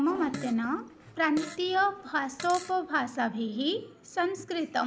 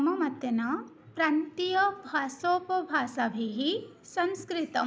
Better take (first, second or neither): second